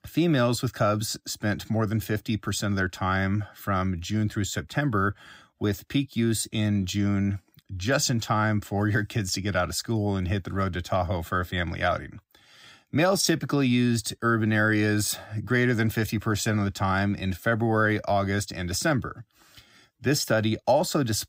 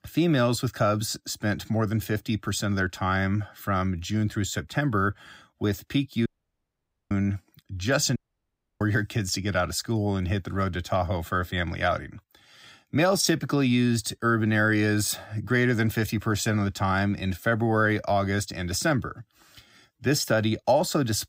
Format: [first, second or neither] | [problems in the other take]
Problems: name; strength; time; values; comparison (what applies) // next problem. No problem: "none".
first | audio cutting out; at 6.5 s for 1 s and at 8 s for 0.5 s